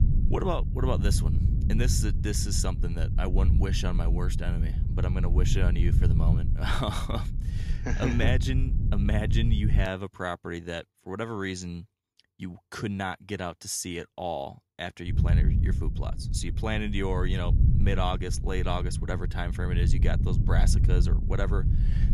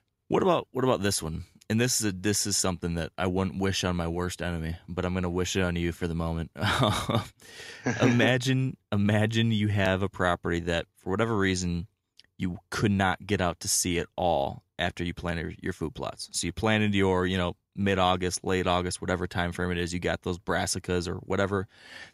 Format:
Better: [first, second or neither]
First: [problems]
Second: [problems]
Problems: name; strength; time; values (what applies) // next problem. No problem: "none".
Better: second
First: low rumble; loud; until 10 s and from 15 s on; 8 dB below the speech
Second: none